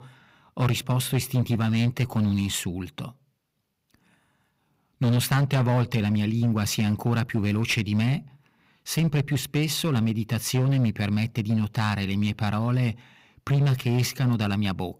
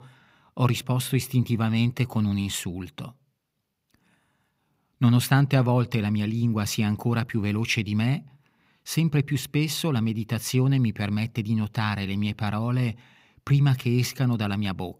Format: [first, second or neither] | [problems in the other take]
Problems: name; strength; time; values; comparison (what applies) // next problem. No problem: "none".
second | distortion; slight; 10% of the sound clipped